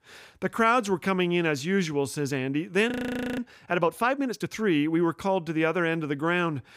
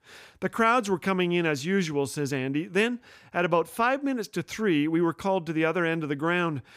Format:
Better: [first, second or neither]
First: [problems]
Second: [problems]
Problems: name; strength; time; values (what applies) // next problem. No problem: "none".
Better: second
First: audio freezing; at 3 s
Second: none